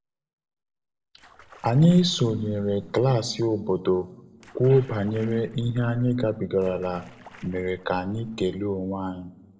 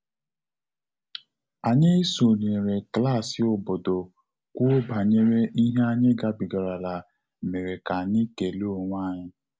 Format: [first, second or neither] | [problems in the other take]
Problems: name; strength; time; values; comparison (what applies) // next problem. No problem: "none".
second | noise reduction (neural separator model SepFormer DNS4)